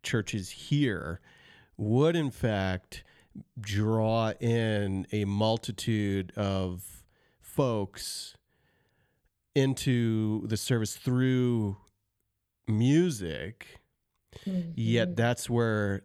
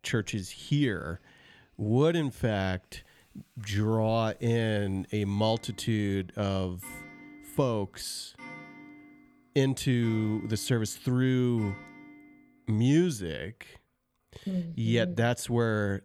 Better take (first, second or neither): first